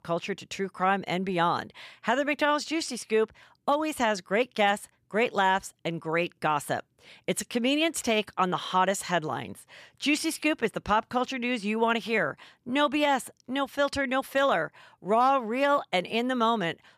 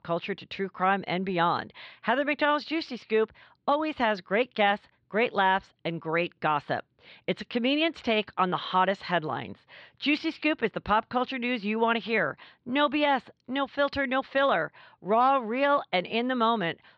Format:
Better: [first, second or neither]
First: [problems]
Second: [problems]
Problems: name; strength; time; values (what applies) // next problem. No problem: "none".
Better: first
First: none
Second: muffled; very slightly; fading above 4 kHz